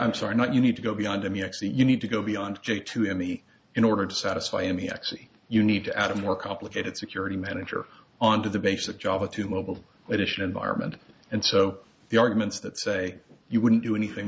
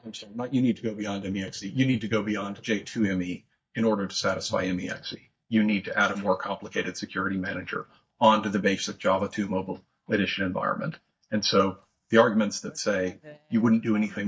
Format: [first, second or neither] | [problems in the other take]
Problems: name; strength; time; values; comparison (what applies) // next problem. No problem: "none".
first | noise reduction (neural mask model DeepFilterNet 3)